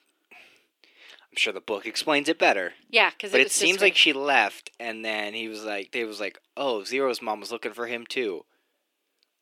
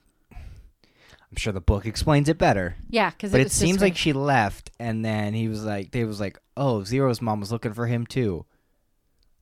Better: second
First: thin; somewhat; fading below 350 Hz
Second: none

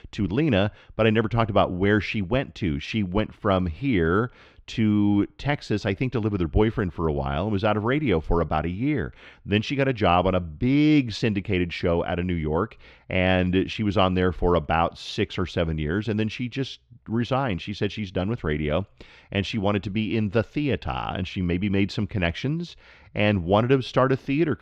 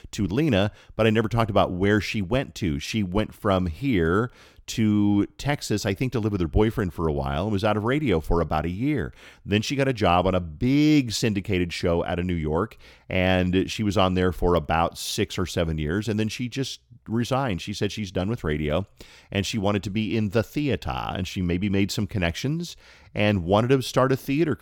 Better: second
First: muffled; very slightly; fading above 3 kHz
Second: none

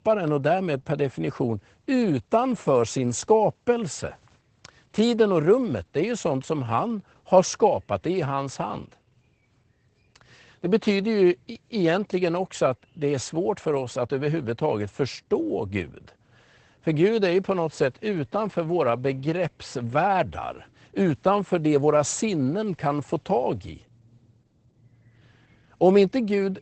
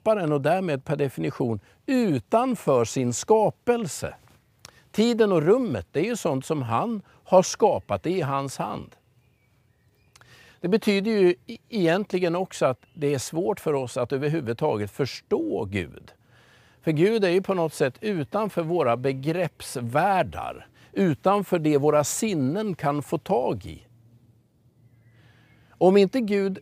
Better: second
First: garbled, watery; badly; nothing above 8 kHz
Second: none

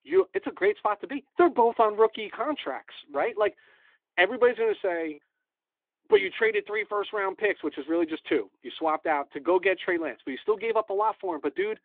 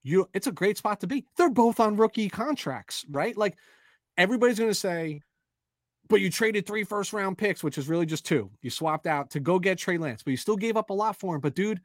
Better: second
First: phone-call audio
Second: none

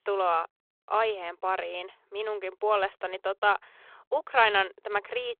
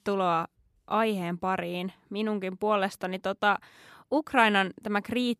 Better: second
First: phone-call audio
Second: none

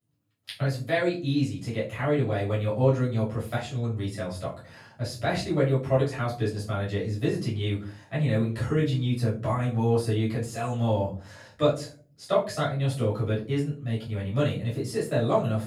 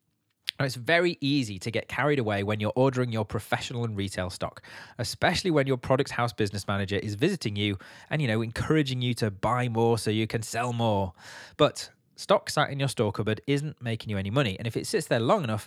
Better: second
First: off-mic speech; far // room echo; slight; dies away in 0.4 s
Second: none

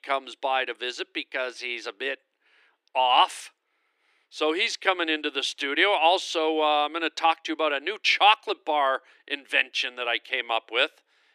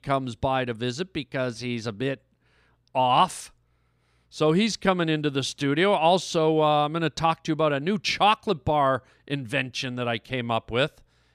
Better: second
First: thin; very; fading below 300 Hz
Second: none

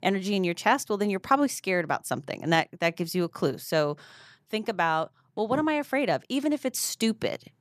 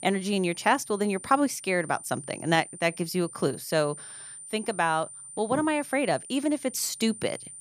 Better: first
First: none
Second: high-pitched whine; noticeable; throughout; 9 kHz, 15 dB below the speech

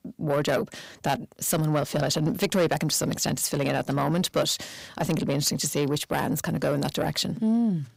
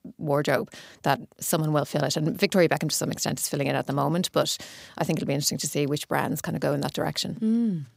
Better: second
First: distortion; slight; 10 dB below the speech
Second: none

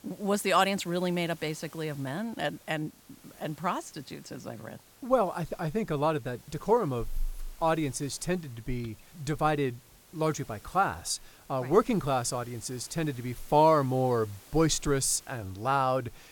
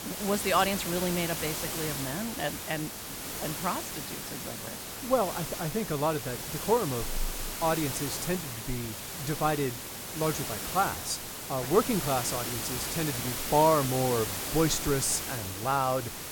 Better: first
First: hiss; faint; throughout; 25 dB below the speech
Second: hiss; loud; throughout; 4 dB below the speech

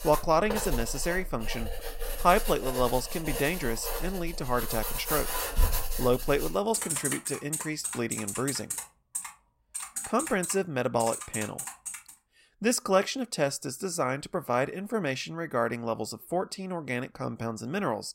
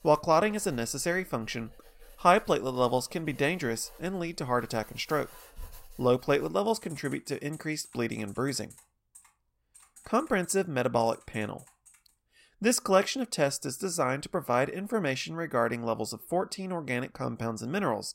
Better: second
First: household noises; loud; until 12 s; 4 dB below the speech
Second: household noises; faint; until 12 s; 25 dB below the speech

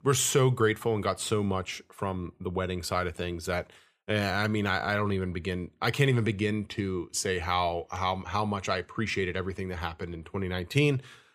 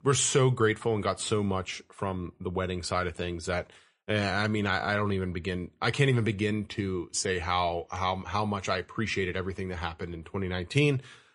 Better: first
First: none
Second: garbled, watery; slightly; nothing above 9 kHz

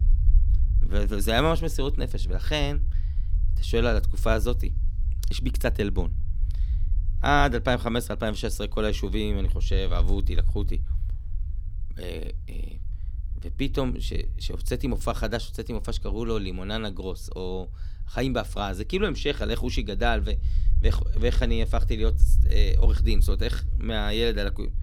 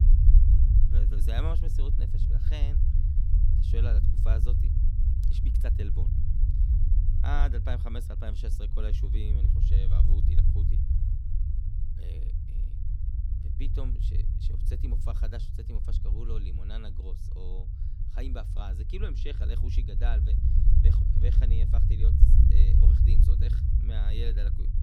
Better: first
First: low rumble; faint; throughout; 20 dB below the speech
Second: low rumble; loud; throughout; 1 dB below the speech

